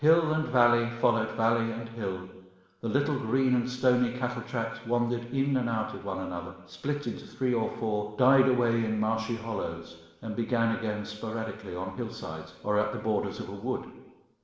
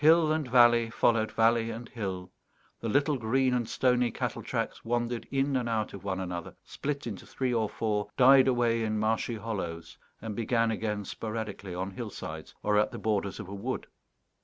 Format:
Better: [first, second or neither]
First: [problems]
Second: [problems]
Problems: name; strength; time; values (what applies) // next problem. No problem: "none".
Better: second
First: room echo; dies away in 1.1 s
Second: none